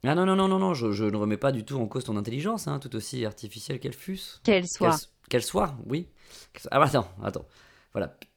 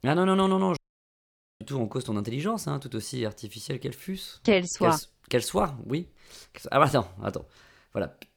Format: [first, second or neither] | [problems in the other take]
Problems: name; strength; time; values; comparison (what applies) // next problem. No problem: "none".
first | audio cutting out; at 1 s for 1 s